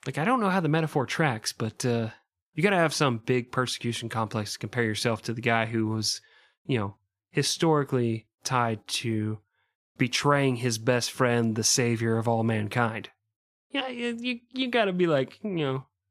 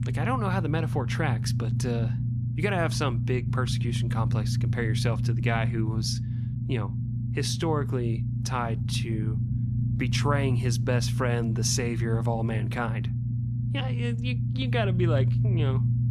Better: first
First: none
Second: low rumble; loud; throughout; 8 dB below the speech

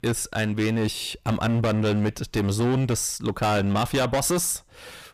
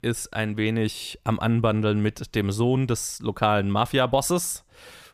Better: second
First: distortion; heavy; 17% of the sound clipped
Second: none

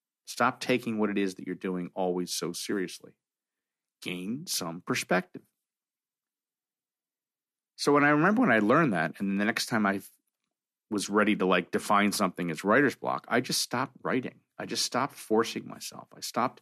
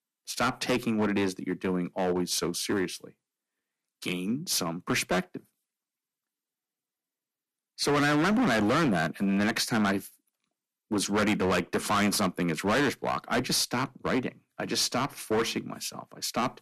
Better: first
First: none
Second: distortion; heavy; 11% of the sound clipped

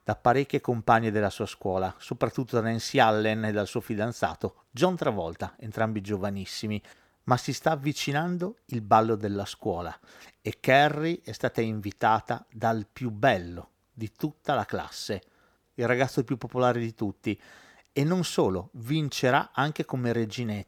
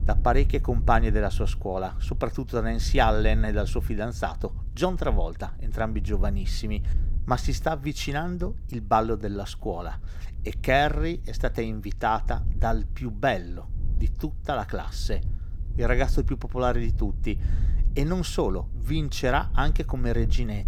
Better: first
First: none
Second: low rumble; faint; throughout; 20 dB below the speech

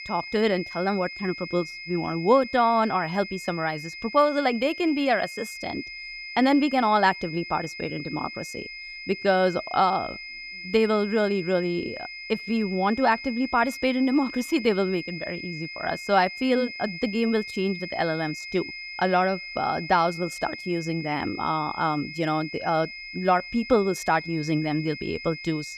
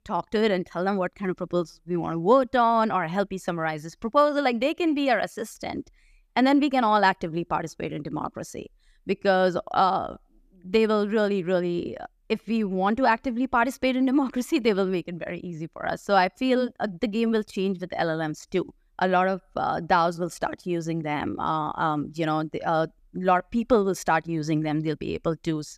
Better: second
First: high-pitched whine; noticeable; throughout; 2 kHz, 10 dB below the speech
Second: none

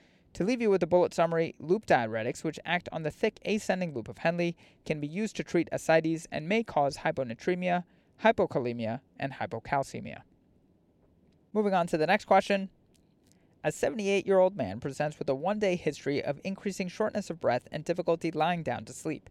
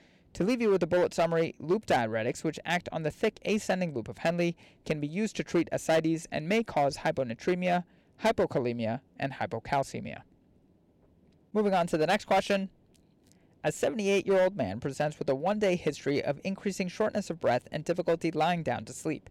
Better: first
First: none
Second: distortion; slight; 4% of the sound clipped

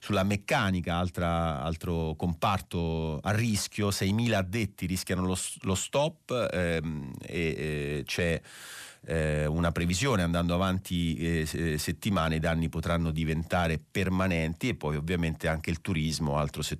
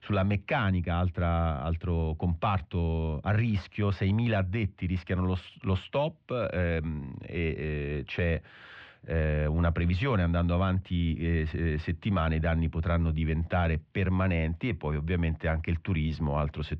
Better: first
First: none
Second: muffled; very; fading above 3 kHz

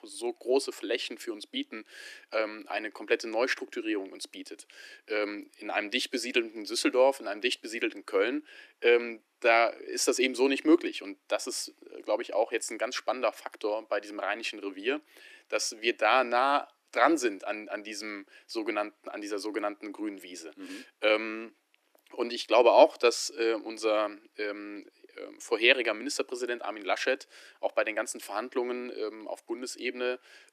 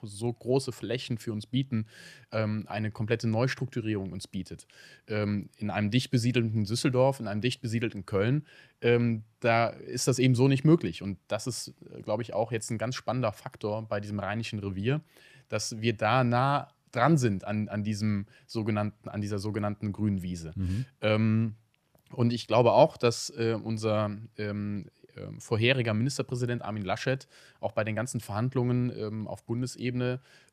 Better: second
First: thin; very; fading below 300 Hz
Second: none

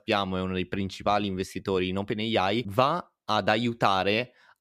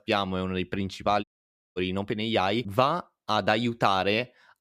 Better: first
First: none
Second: audio cutting out; at 1 s for 0.5 s

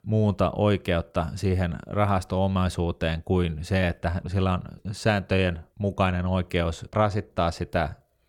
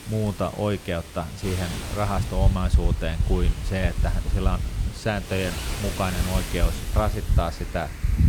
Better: first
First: none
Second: wind noise on the microphone; heavy; 7 dB below the speech

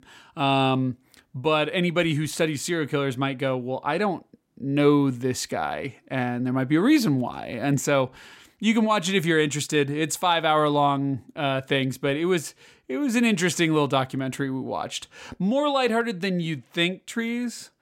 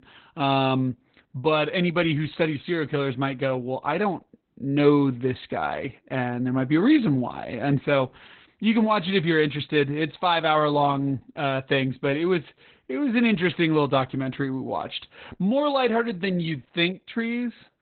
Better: first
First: none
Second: garbled, watery; badly; nothing above 4 kHz

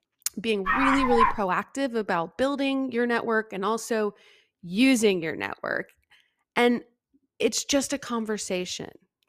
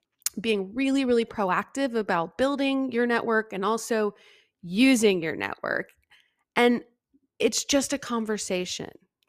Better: second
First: dog barking; loud; at 0.5 s; peak 4 dB above the speech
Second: none

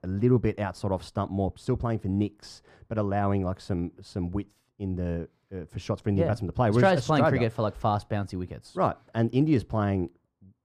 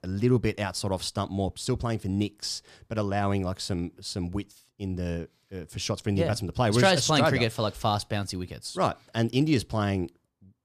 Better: second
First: muffled; slightly; fading above 2.5 kHz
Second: none

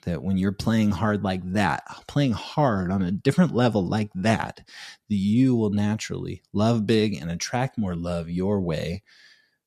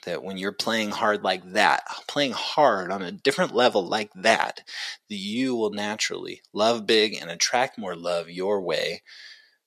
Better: first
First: none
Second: thin; very; fading below 500 Hz

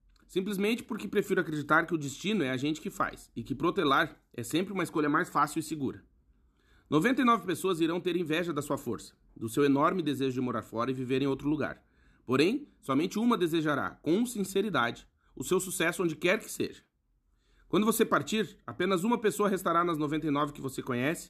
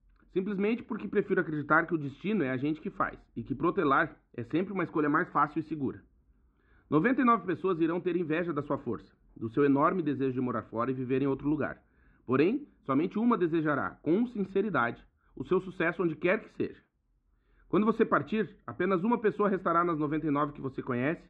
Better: first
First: none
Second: muffled; very; fading above 2 kHz

